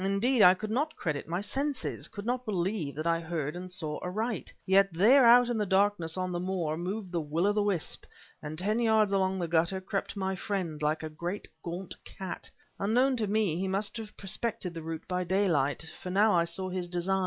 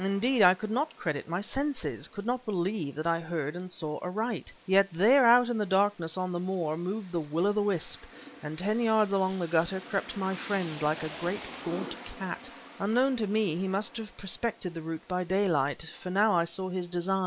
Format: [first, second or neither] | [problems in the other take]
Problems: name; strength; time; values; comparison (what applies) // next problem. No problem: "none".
first | background sound (Rain); 20 dB below the speech